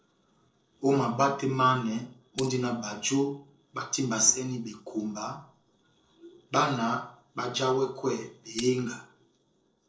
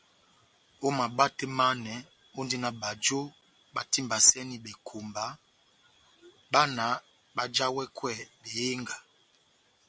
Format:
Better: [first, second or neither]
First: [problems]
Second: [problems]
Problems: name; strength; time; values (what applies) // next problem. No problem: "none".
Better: second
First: noise reduction (neural separator model SepFormer DNS4)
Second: none